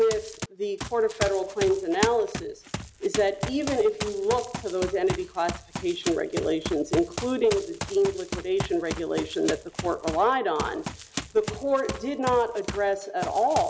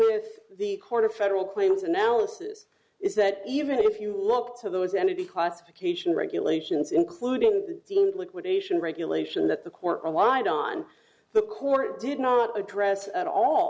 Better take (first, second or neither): second